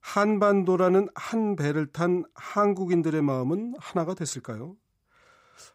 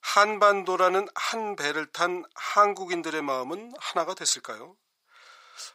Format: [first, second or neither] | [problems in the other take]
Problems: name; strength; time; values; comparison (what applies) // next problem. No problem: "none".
first | thin; very; fading below 750 Hz